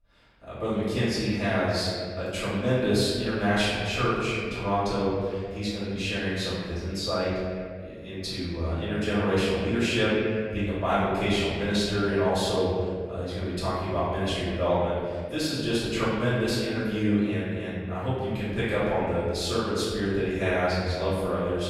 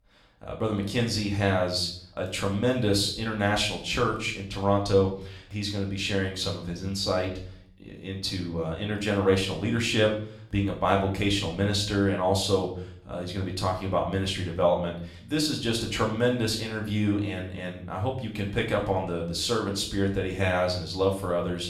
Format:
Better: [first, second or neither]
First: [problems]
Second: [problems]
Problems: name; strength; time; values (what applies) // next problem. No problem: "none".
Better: second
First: room echo; strong; dies away in 2.1 s // off-mic speech; far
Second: room echo; slight; dies away in 0.5 s // off-mic speech; far